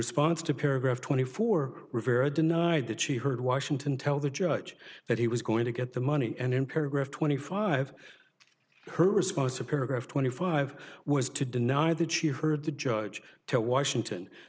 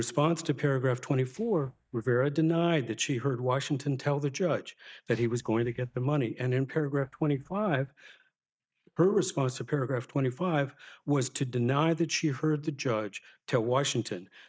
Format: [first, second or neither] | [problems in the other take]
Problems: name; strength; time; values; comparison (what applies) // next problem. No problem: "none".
first | noise reduction (neural mask model DeepFilterNet 3)